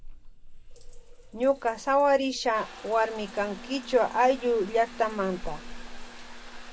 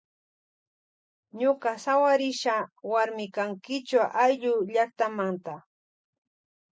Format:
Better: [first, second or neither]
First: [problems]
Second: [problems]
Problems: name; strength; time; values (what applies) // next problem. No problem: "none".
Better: second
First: background sound (Trickle, dribble / Bathtub (filling or washing) / Water tap, faucet); 13 dB below the speech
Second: none